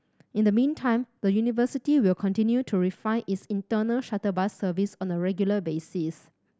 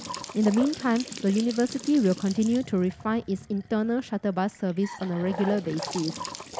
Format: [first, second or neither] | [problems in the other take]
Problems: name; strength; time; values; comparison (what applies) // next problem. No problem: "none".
first | background sound (Trickle, dribble / Bathtub (filling or washing) / Sink (filling or washing) / Gurgling); 13 dB below the speech